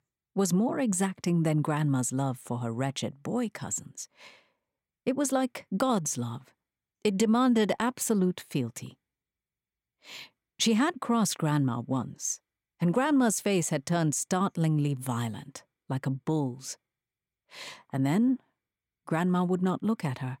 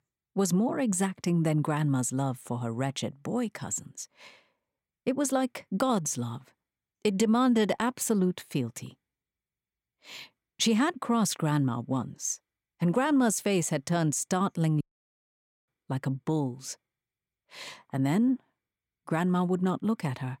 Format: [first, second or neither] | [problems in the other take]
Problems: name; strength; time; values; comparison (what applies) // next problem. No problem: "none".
first | audio cutting out; at 15 s for 1 s